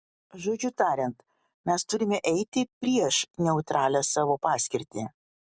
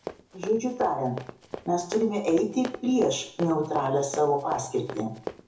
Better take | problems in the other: first | background sound (Run); 13 dB below the speech // room echo; dies away in 0.6 s

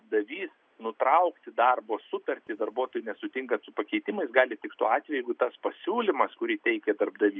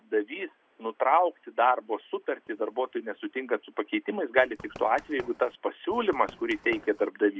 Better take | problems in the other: first | background sound (Run); 19 dB below the speech

